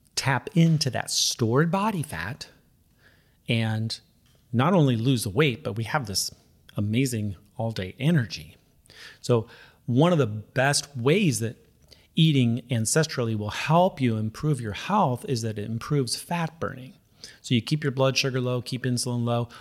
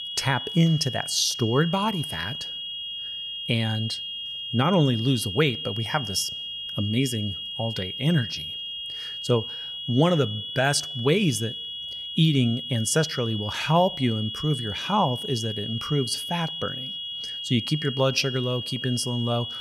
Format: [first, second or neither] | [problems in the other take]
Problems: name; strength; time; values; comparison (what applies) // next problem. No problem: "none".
first | high-pitched whine; loud; throughout; 3.5 kHz, 6 dB below the speech